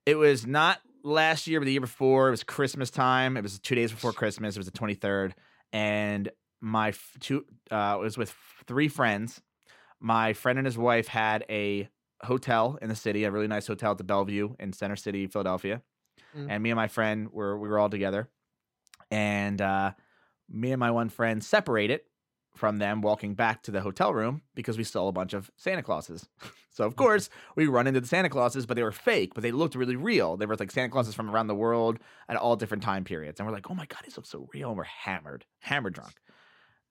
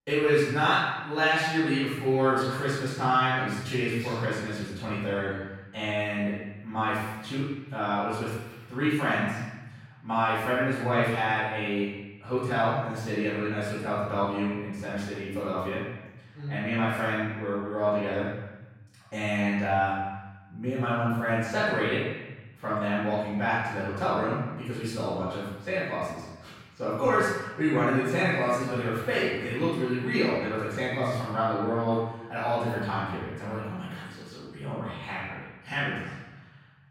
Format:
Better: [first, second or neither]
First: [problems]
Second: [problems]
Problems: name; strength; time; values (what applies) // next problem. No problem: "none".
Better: first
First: none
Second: off-mic speech; far // room echo; strong; dies away in 1.1 s